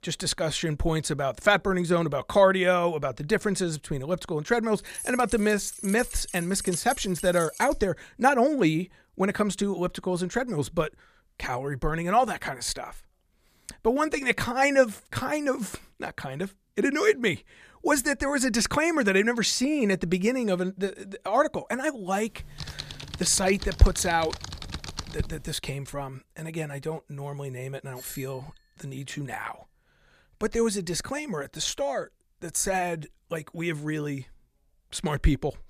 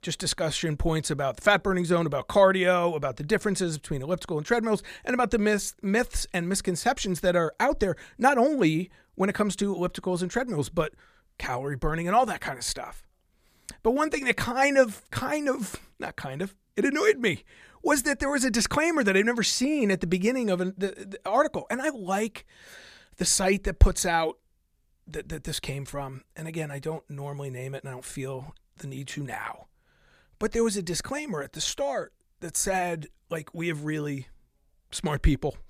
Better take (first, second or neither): second